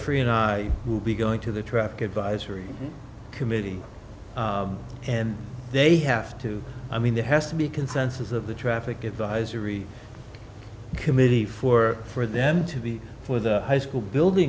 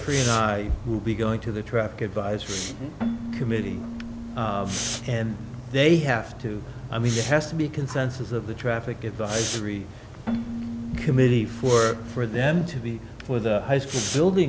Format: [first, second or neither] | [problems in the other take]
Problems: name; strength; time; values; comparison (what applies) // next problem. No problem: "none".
first | background sound (Keyboard (musical) + Respiratory sounds); 10 dB below the speech